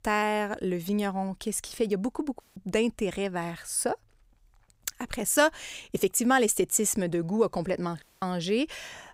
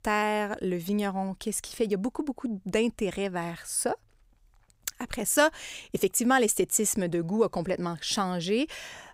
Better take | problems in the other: second | audio cutting out; at 2.5 s and at 8 s

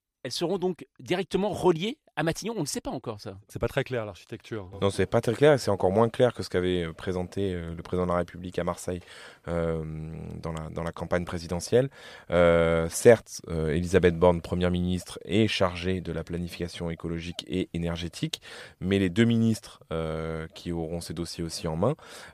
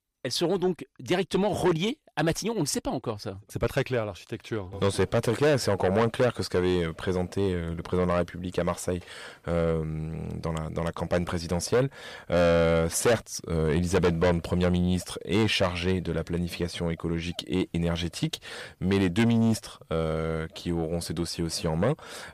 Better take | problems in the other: first | distortion; heavy; 7 dB below the speech

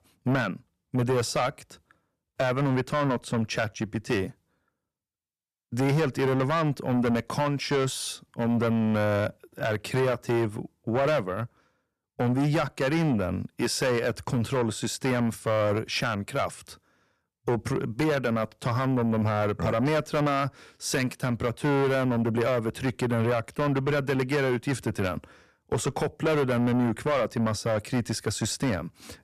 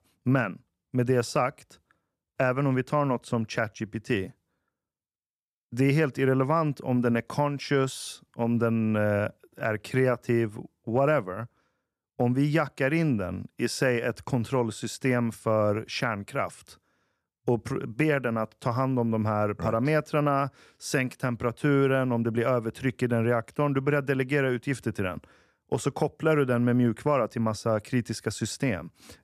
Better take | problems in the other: second | distortion; heavy; 7 dB below the speech

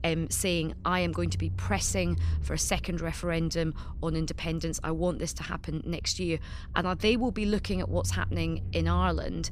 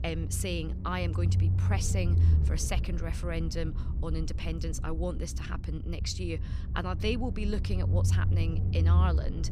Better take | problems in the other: first | low rumble; loud; throughout; 8 dB below the speech; faint in the first

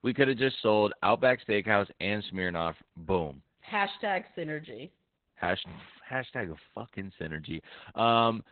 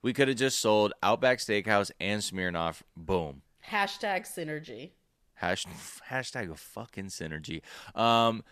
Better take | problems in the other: second | garbled, watery; badly; nothing above 4 kHz

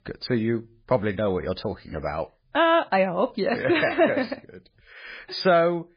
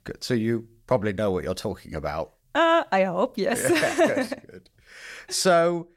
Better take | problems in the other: second | garbled, watery; badly

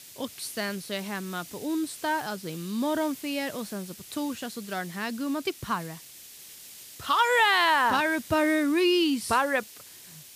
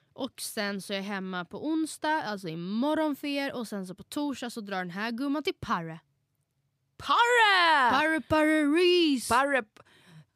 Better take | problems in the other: second | hiss; noticeable; throughout; 15 dB below the speech

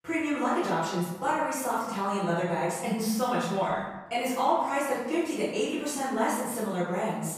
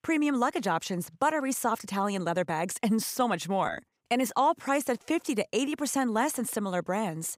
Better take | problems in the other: second | off-mic speech; far // room echo; noticeable; dies away in 0.9 s

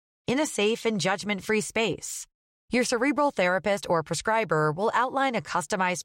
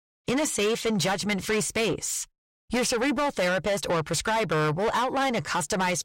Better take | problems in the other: first | distortion; heavy; 7 dB below the speech

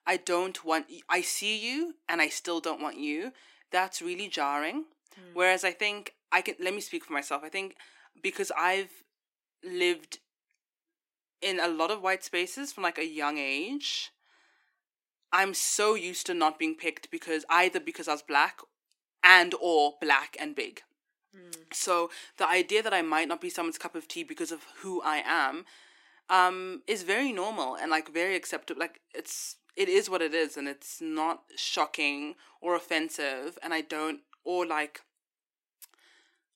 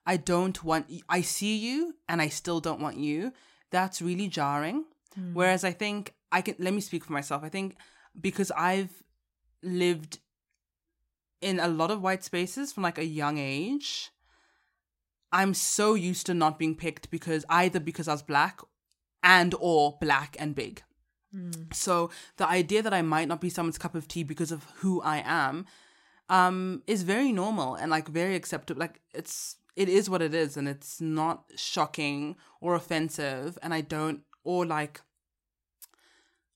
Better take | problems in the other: second | thin; somewhat; fading below 300 Hz

